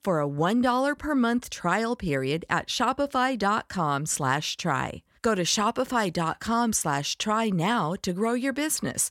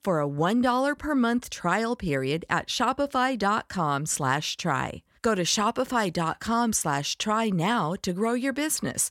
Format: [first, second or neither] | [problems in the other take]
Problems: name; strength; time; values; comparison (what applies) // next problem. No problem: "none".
neither | none